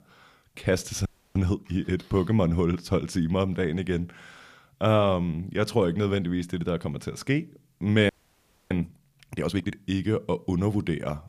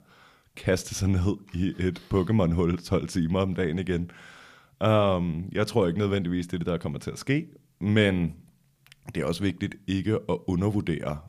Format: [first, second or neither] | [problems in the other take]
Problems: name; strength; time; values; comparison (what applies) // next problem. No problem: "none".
second | audio freezing; at 1 s and at 8 s for 0.5 s